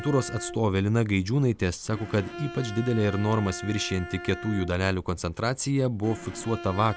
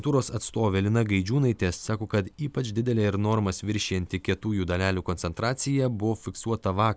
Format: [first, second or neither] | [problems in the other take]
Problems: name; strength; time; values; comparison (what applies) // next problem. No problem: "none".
second | background sound (Bowed string instrument); 14 dB below the speech